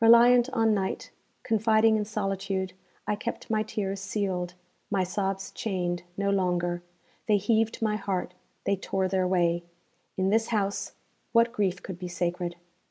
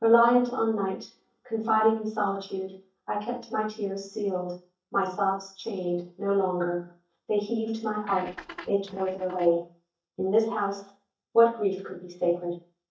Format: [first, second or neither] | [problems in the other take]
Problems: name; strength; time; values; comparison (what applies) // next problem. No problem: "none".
first | noise reduction (neural mask model DeepFilterNet 3)